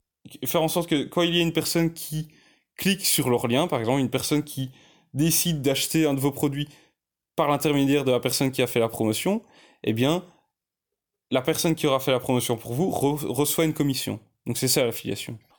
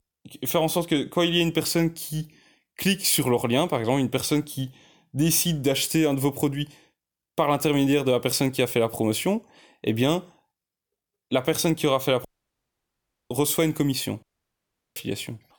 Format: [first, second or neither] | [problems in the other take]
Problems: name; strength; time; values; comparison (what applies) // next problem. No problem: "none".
first | audio cutting out; at 12 s for 1 s and at 14 s for 0.5 s